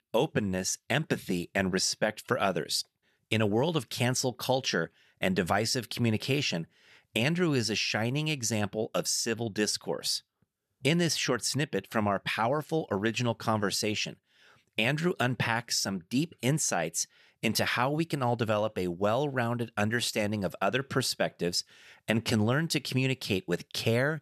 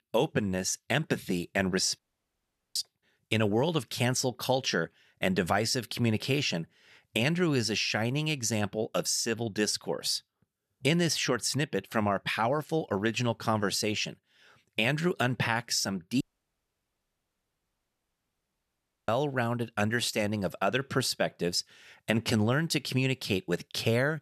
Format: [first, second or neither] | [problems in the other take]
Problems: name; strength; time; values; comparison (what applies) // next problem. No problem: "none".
first | audio cutting out; at 2 s for 1 s and at 16 s for 3 s